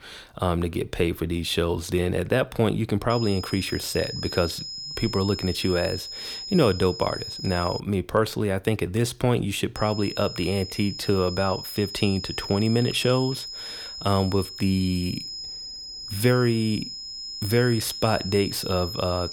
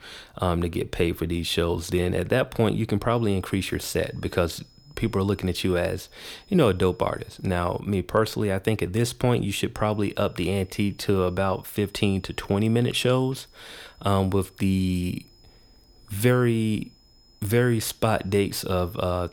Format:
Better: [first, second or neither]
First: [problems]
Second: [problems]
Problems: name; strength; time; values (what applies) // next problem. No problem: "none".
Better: second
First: high-pitched whine; loud; from 3 to 8 s and from 10 s on; 5 kHz, 8 dB below the speech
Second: high-pitched whine; faint; from 3 to 8 s and from 10 s on; 5 kHz, 30 dB below the speech